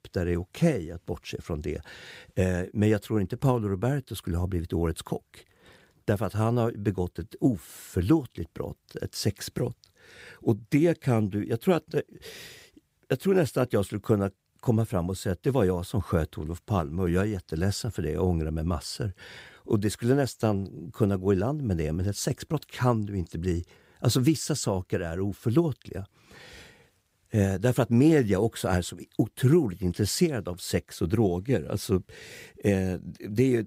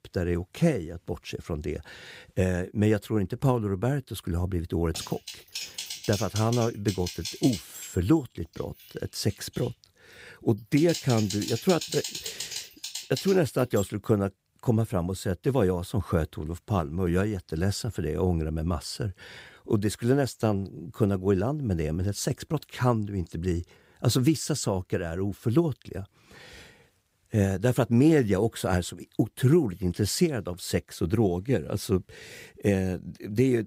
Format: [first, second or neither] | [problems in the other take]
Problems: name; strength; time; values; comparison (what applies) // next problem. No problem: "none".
first | keyboard typing; noticeable; from 5 to 14 s; peak 5 dB below the speech